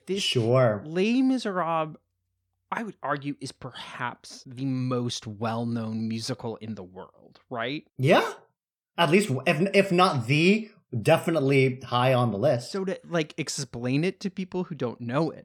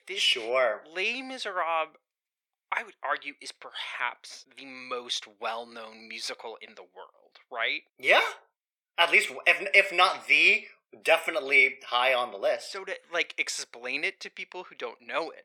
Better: first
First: none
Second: thin; very; fading below 500 Hz

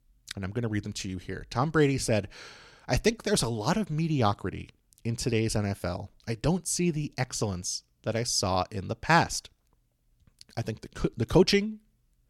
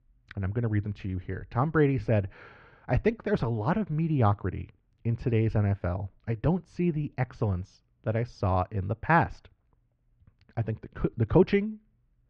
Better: first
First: none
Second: muffled; very; fading above 2 kHz

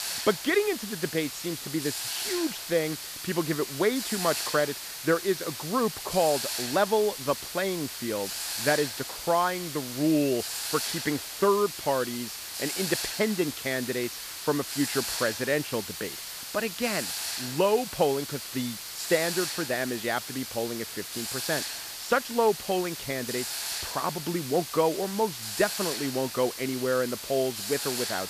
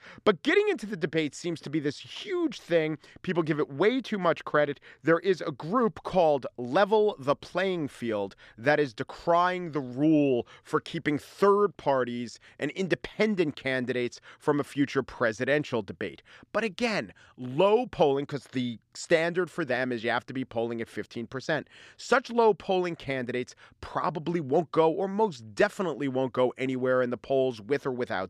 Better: second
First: hiss; loud; throughout; 4 dB below the speech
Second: none

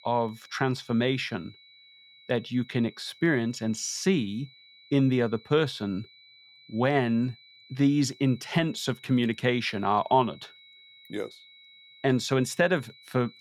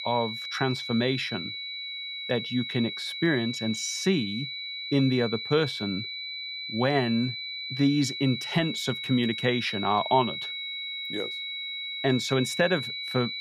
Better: first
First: high-pitched whine; faint; throughout; 4 kHz, 25 dB below the speech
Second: high-pitched whine; loud; throughout; 4 kHz, 5 dB below the speech

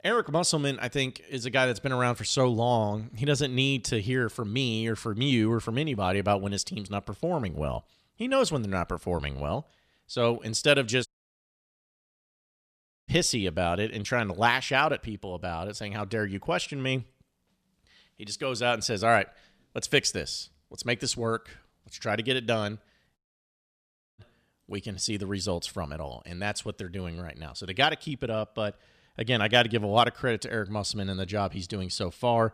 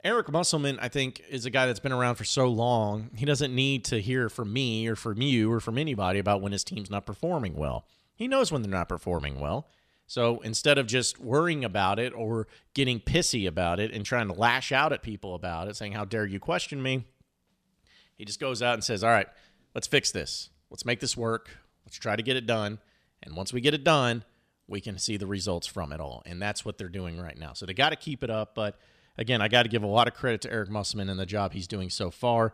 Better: second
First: audio cutting out; at 11 s for 2 s and at 23 s for 1 s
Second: none

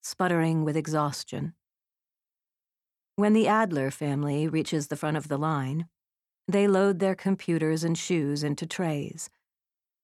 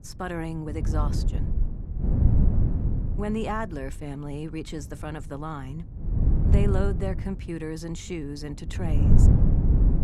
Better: first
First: none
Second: wind noise on the microphone; heavy; 2 dB below the speech

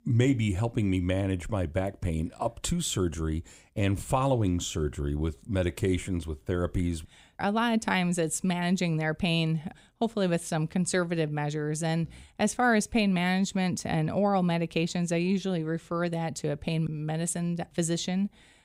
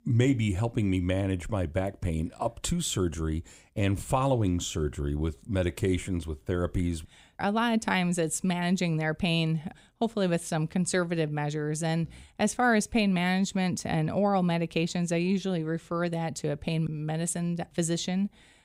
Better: neither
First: none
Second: none

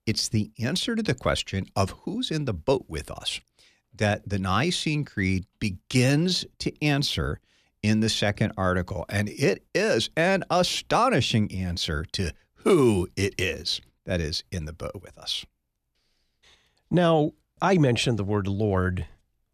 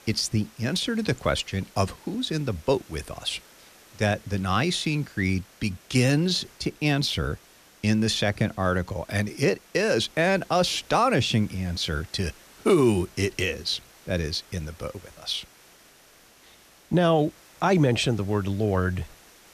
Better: first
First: none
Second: hiss; faint; throughout; 25 dB below the speech

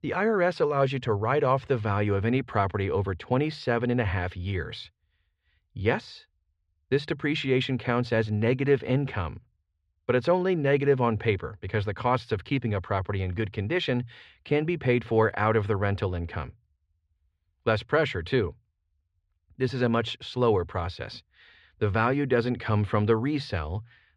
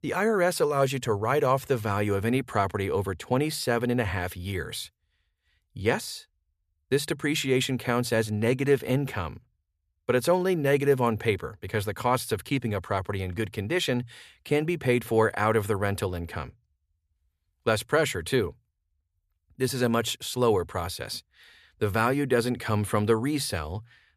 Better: second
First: muffled; slightly; fading above 3.5 kHz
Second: none

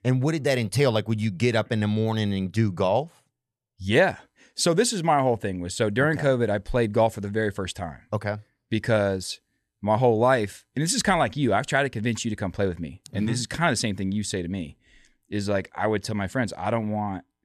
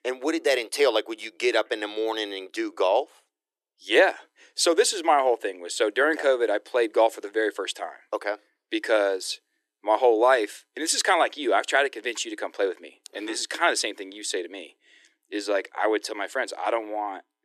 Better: first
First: none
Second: thin; very; fading below 300 Hz

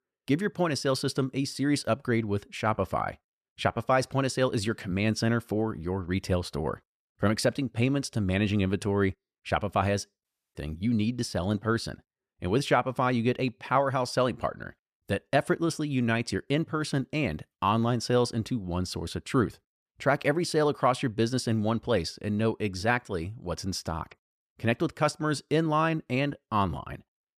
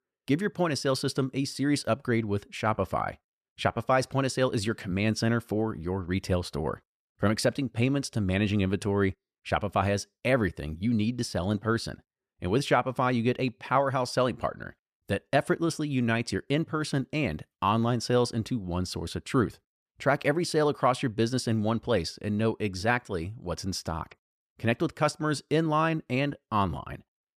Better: second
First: audio cutting out; at 10 s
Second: none

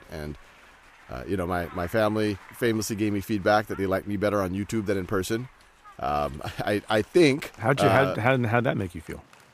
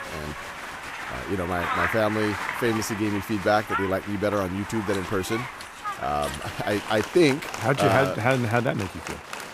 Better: first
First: crowd noise; faint; throughout; 25 dB below the speech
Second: crowd noise; loud; throughout; 7 dB below the speech

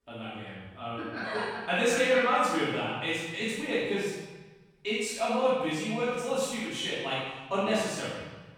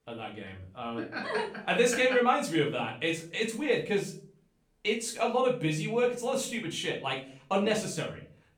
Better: second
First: room echo; strong; dies away in 1.2 s // off-mic speech; far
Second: room echo; slight; dies away in 0.4 s // off-mic speech; far

